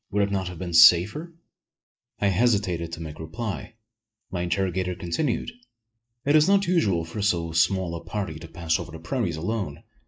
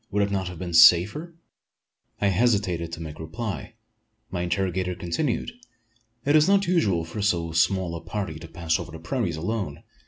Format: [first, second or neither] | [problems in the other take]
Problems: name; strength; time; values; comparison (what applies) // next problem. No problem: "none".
second | noise reduction (neural mask model Resemble Enhance denoiser)